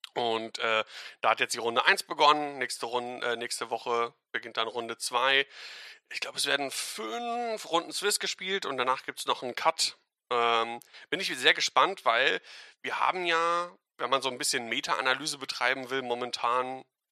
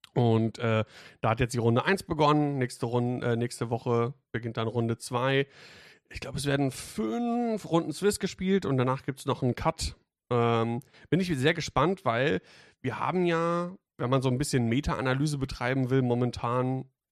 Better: second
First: thin; very; fading below 700 Hz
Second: none

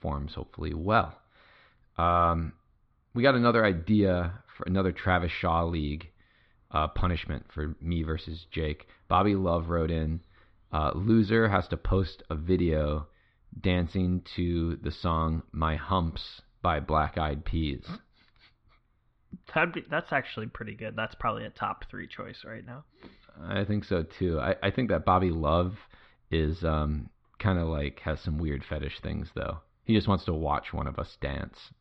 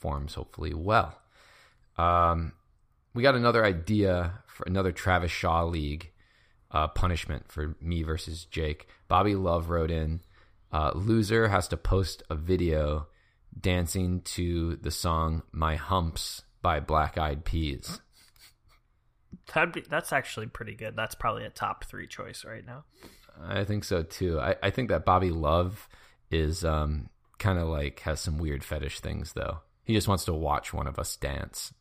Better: second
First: muffled; slightly; fading above 4 kHz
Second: none

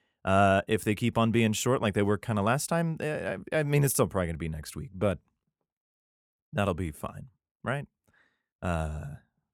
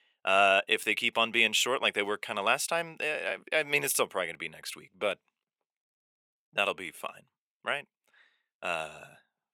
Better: first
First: none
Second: thin; very; fading below 500 Hz

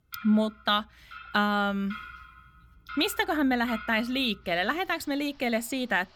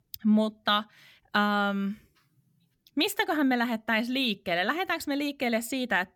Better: second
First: household noises; noticeable; throughout; 15 dB below the speech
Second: none

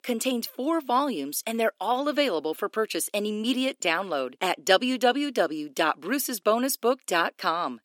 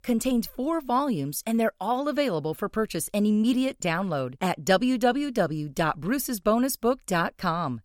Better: second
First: thin; very slightly; fading below 300 Hz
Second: none

